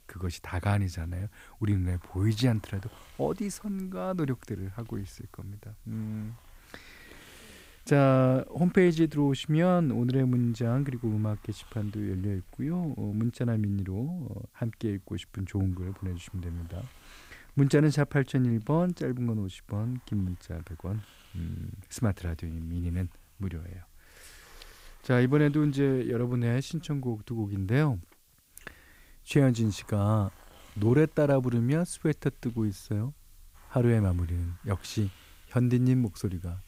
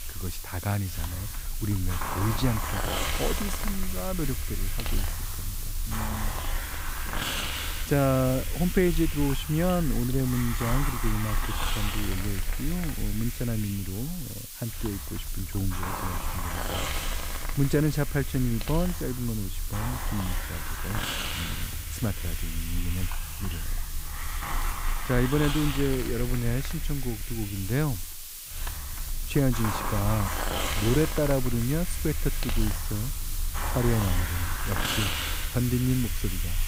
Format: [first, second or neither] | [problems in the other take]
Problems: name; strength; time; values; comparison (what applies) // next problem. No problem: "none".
first | hiss; loud; throughout; 2 dB below the speech; faint in the first